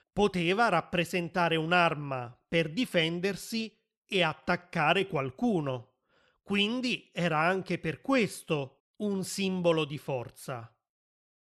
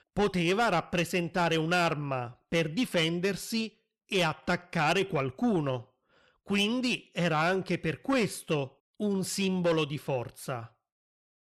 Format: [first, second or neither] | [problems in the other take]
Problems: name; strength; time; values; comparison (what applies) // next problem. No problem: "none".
first | distortion; slight; 10 dB below the speech